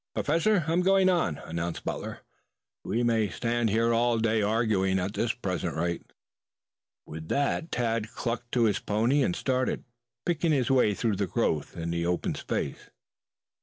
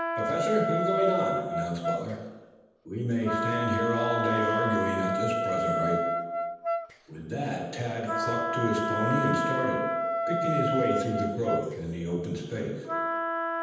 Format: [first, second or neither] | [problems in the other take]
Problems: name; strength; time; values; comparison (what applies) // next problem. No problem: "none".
first | background sound (Wind instrument, woodwind instrument); as loud as the speech // room echo; dies away in 1.1 s